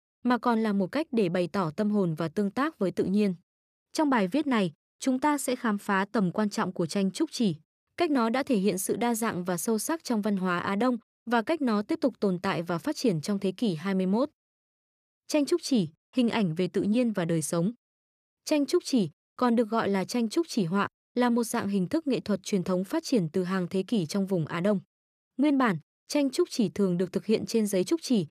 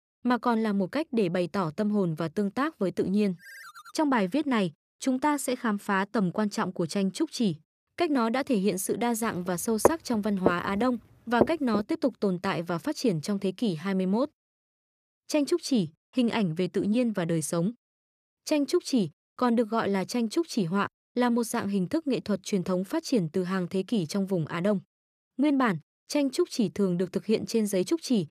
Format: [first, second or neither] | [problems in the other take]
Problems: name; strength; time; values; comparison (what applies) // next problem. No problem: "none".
first | phone ringing; faint; at 3.5 s; peak 15 dB below the speech // footsteps; loud; from 10 to 12 s; peak 2 dB above the speech